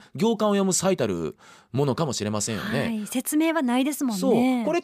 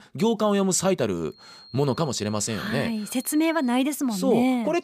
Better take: first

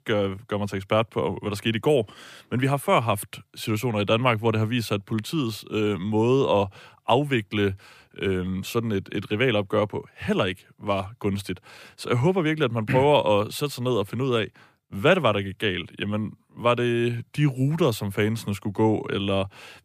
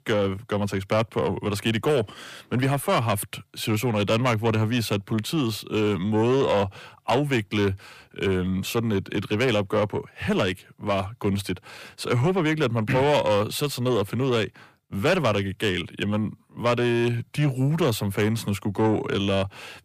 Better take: first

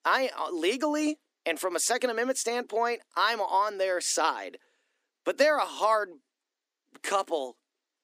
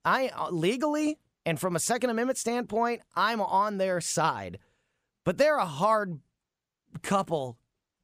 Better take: second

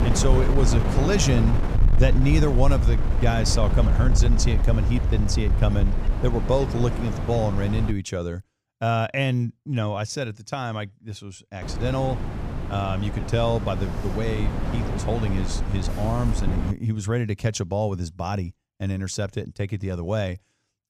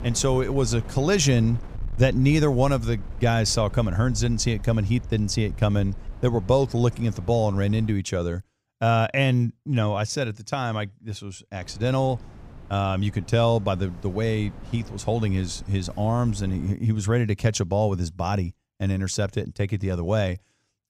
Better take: second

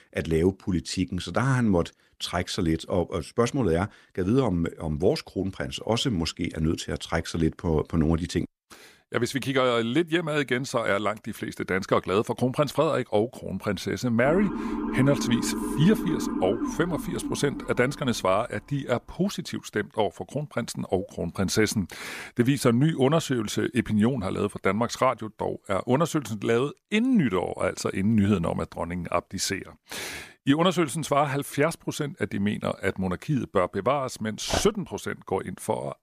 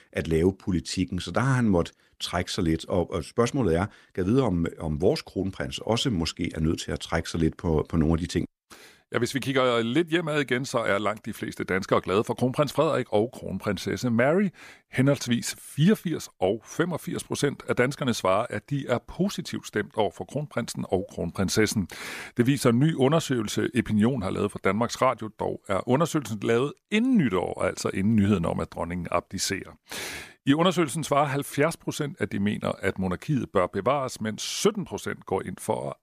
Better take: second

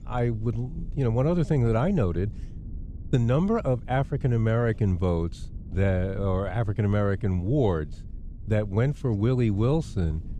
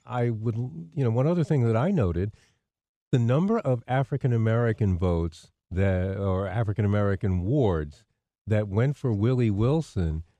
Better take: second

